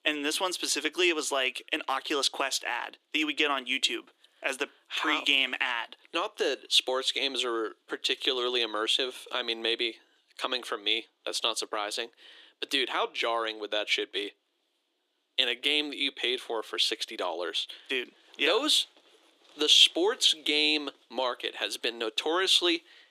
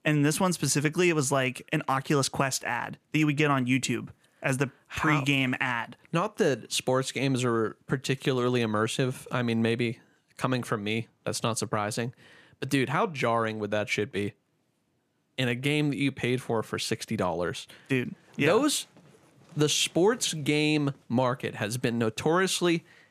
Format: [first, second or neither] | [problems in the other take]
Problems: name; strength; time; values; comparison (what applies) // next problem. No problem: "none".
second | thin; somewhat; fading below 350 Hz